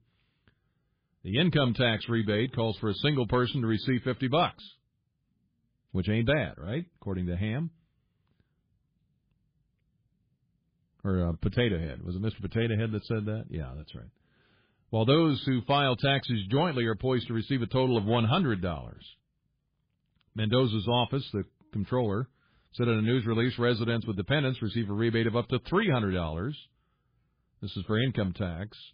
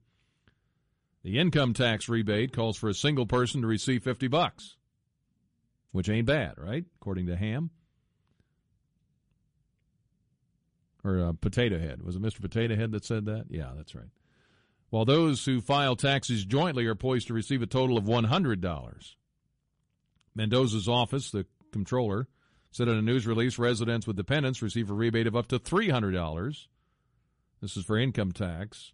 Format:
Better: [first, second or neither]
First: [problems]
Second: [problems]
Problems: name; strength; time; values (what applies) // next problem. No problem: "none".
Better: second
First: garbled, watery; badly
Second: garbled, watery; slightly; nothing above 10.5 kHz